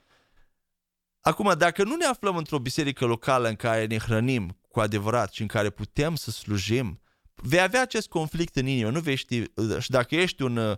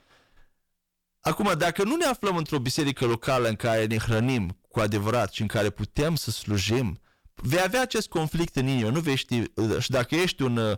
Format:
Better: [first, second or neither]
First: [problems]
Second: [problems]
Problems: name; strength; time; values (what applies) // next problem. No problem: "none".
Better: first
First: none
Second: distortion; heavy; 12% of the sound clipped